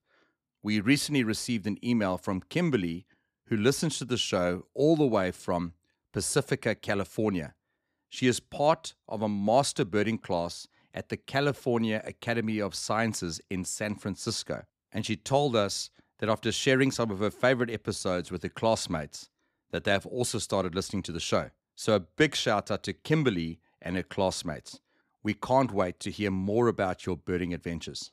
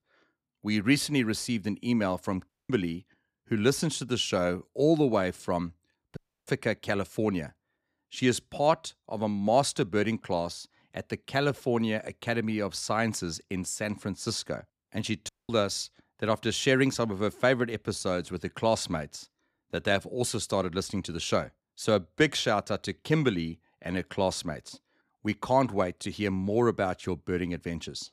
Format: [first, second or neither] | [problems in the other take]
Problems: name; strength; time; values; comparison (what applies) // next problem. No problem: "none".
first | audio cutting out; at 2.5 s, at 6 s and at 15 s